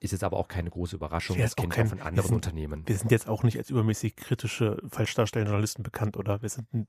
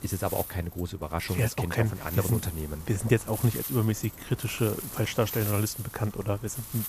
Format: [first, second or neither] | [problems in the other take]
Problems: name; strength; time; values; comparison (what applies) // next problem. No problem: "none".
first | wind noise on the microphone; occasional gusts; 10 dB below the speech